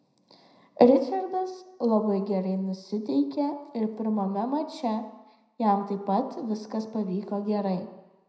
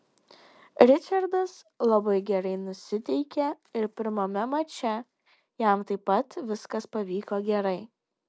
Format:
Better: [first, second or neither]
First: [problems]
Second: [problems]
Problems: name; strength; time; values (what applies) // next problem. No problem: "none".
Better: second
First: room echo; dies away in 0.7 s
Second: none